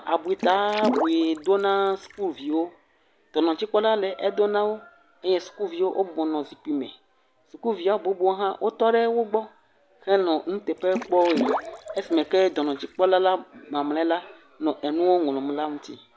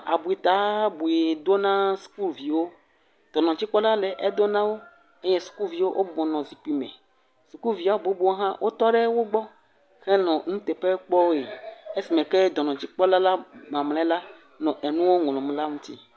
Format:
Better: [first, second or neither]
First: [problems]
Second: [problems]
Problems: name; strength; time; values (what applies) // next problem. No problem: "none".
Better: second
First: background sound (Water / Splash, splatter); 8 dB below the speech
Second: none